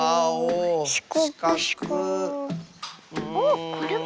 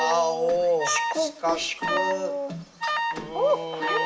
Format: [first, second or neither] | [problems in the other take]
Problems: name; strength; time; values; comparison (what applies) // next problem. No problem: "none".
first | background sound (Alarm); 5 dB below the speech // room echo; dies away in 0.7 s